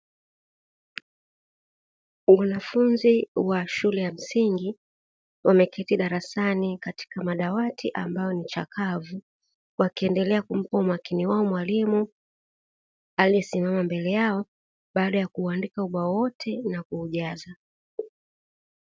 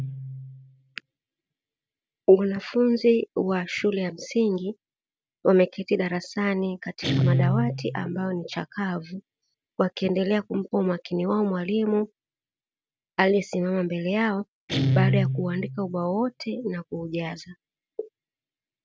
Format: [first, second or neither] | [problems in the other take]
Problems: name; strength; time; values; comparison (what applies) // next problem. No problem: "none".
first | background sound (Guitar); 6 dB below the speech